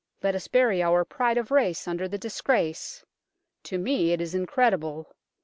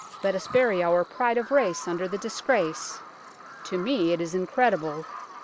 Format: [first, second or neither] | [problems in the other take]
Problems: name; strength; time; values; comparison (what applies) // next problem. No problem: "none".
first | background sound (Bird vocalization, bird call, bird song); 14 dB below the speech